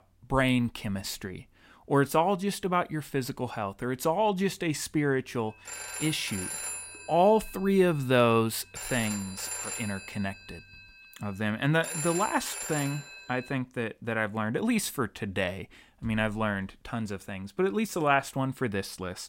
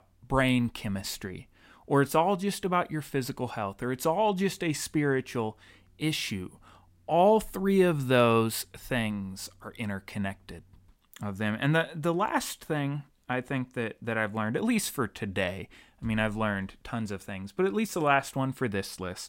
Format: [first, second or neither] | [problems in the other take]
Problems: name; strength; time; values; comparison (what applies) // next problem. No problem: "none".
second | phone ringing; noticeable; from 5.5 to 14 s; peak 3 dB below the speech